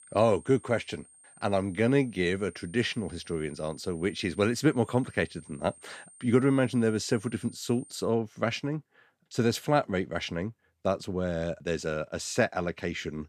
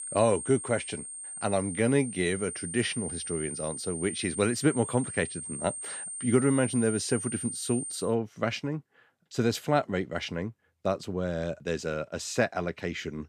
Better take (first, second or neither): first